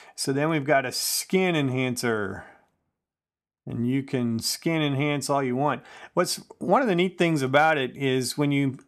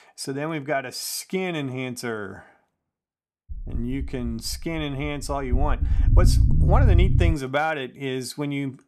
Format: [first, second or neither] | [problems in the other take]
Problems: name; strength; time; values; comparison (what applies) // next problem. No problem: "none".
first | low rumble; loud; from 3.5 to 7.5 s; 8 dB below the speech